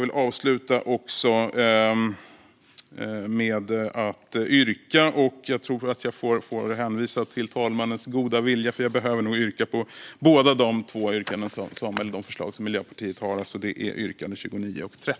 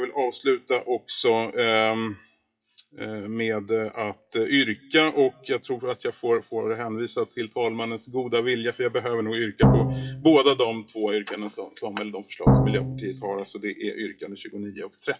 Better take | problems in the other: first | noise reduction (classical method WPE with log-MMSE)

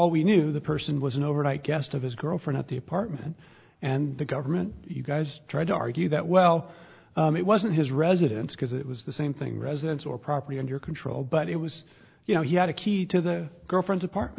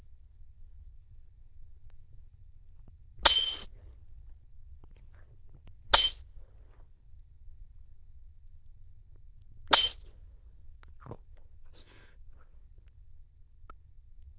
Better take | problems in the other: first | noise reduction (neural diffusion model UNIVERSE++)

